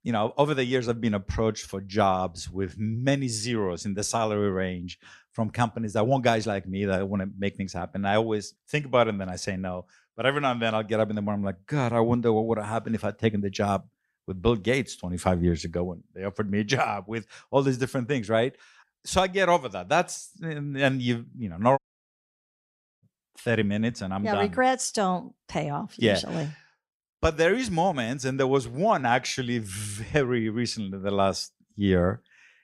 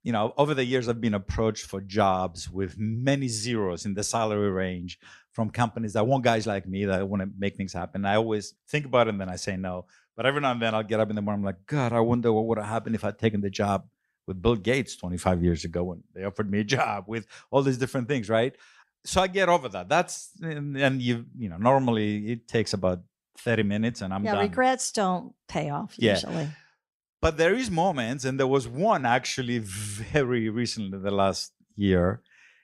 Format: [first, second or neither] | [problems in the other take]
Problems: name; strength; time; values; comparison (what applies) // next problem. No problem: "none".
second | audio cutting out; at 22 s for 1 s